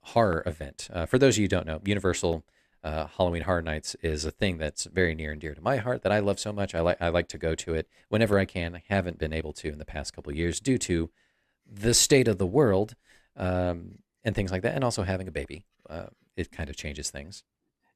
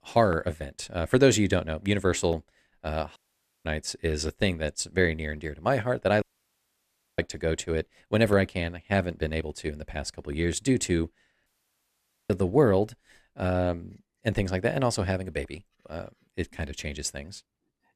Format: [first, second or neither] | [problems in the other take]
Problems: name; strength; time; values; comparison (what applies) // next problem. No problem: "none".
first | audio cutting out; at 3 s, at 6 s for 1 s and at 11 s for 1 s